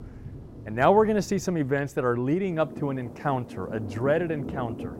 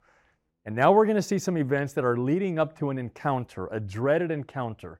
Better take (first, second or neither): second